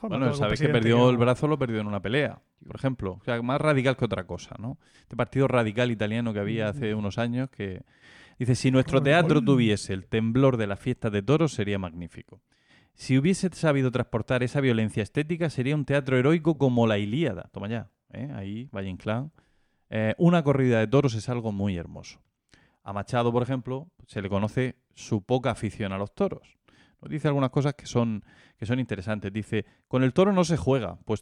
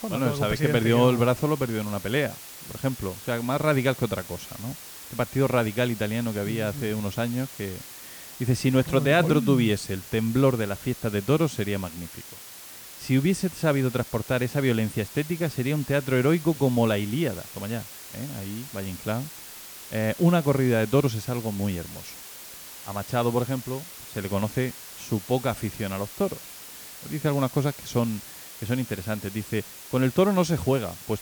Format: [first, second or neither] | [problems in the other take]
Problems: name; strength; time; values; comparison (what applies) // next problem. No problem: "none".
first | hiss; noticeable; throughout; 15 dB below the speech